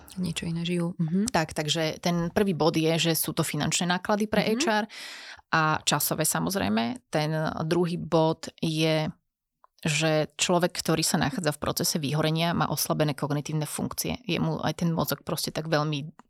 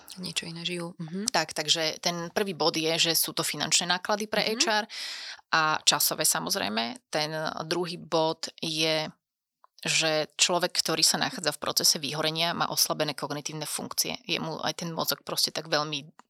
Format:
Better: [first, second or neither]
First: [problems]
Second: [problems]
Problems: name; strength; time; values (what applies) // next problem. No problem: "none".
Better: first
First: none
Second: thin; somewhat; fading below 550 Hz